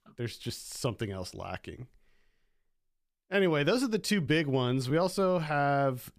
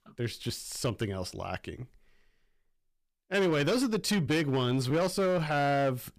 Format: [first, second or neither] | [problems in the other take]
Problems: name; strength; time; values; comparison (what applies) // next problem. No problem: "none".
first | distortion; slight; 8% of the sound clipped